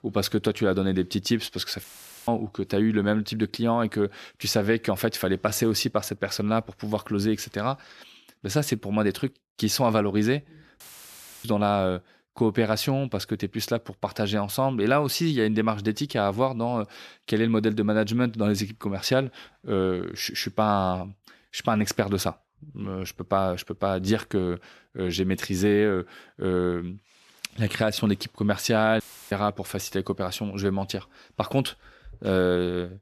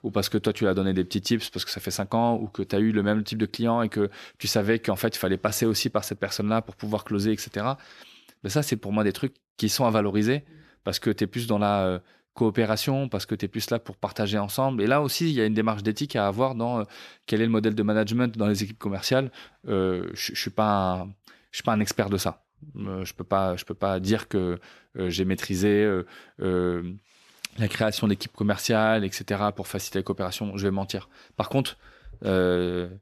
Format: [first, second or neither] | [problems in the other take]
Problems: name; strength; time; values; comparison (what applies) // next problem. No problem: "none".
second | audio cutting out; filled with static; at 2 s, at 11 s for 0.5 s and at 29 s